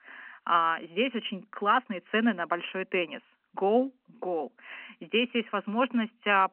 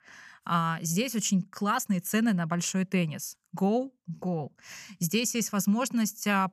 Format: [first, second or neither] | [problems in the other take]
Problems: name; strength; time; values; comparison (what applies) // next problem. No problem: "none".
second | phone-call audio; nothing above 3 kHz